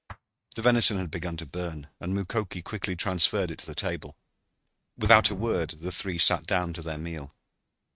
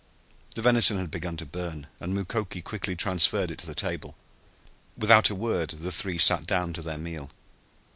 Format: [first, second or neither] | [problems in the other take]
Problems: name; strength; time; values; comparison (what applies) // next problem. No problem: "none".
second | noise reduction (neural mask model RNNoise)